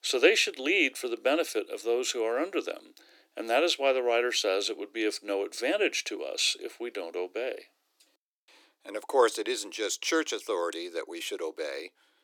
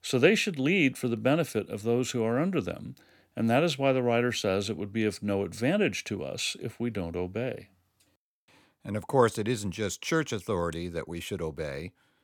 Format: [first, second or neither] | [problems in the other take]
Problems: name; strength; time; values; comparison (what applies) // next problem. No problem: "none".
second | thin; very; fading below 300 Hz